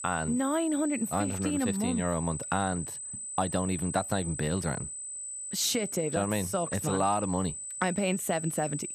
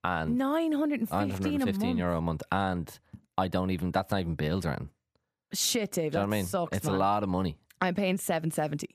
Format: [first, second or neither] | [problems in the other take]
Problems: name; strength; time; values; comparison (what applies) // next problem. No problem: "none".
second | high-pitched whine; loud; throughout; 8 kHz, 6 dB below the speech